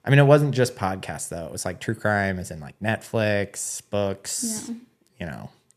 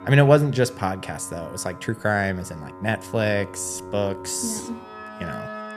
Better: first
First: none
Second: background music; noticeable; throughout; 15 dB below the speech

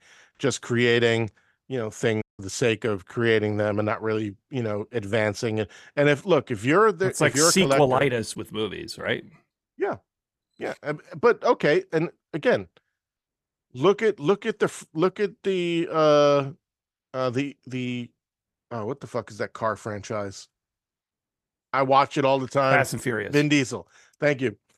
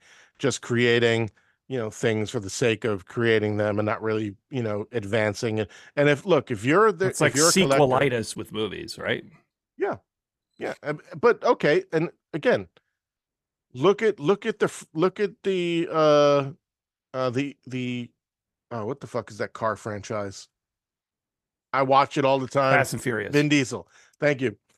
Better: second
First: audio cutting out; at 2 s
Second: none

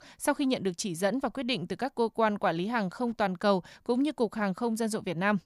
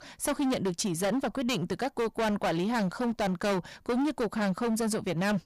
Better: first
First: none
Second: distortion; heavy; 23% of the sound clipped

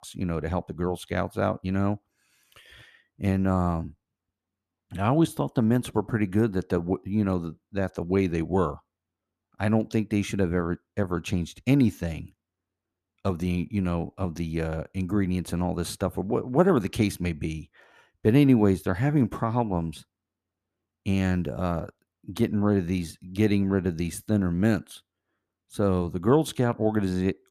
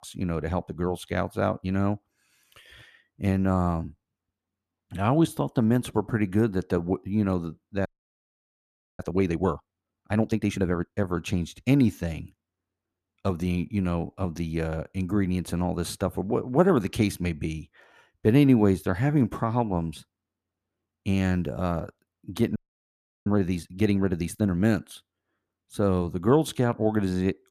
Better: first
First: none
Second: audio freezing; at 8 s for 1 s and at 23 s for 0.5 s

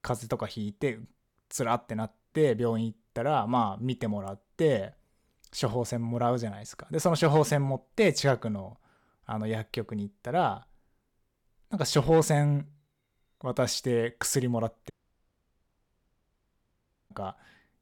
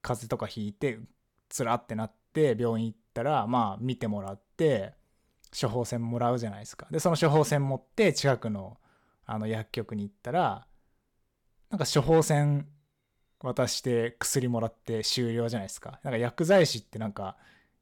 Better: second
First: audio cutting out; at 15 s for 2 s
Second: none

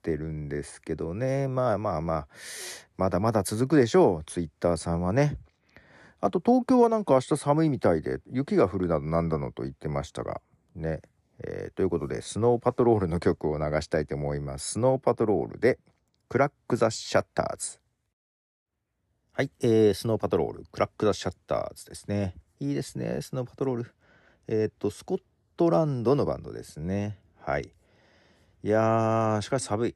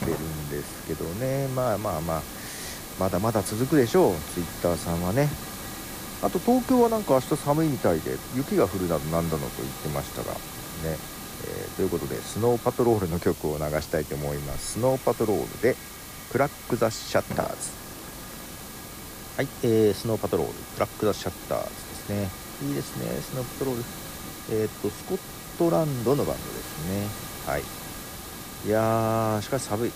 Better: first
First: none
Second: hiss; loud; throughout; 10 dB below the speech

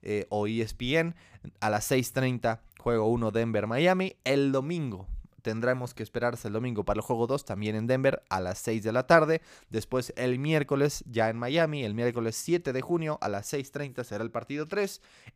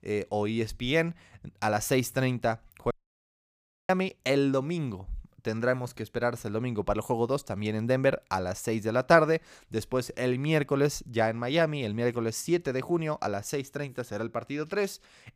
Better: first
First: none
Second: audio cutting out; at 3 s for 1 s

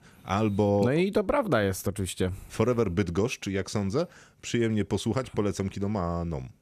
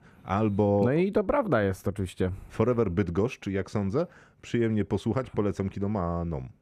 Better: first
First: none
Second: muffled; slightly; fading above 3 kHz

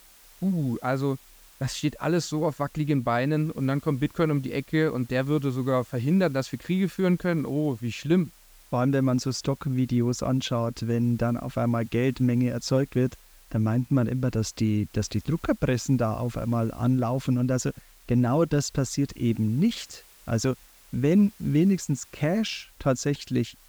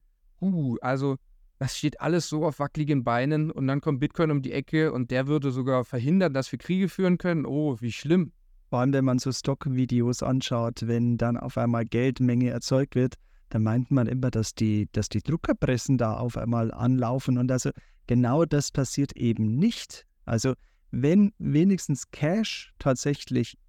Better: second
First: hiss; faint; throughout; 25 dB below the speech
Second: none

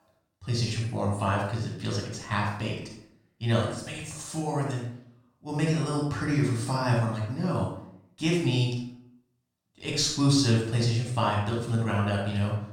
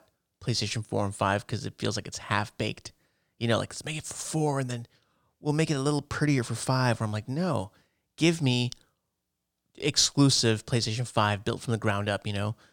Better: second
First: off-mic speech; far // room echo; noticeable; dies away in 0.6 s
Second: none

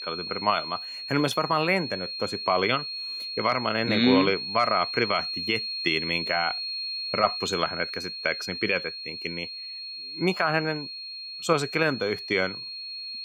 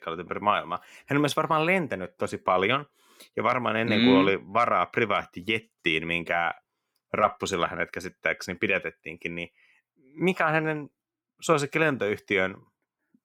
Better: second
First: high-pitched whine; loud; throughout; 4.5 kHz, 5 dB below the speech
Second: none

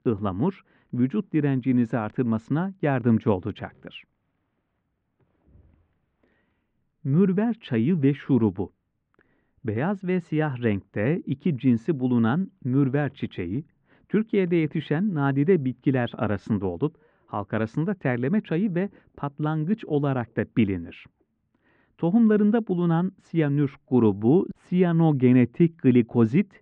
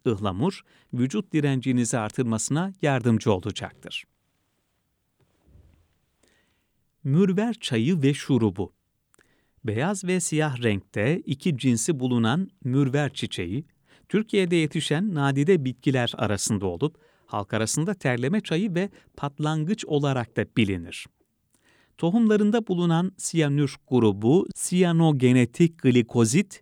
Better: second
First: muffled; very; fading above 2 kHz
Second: none

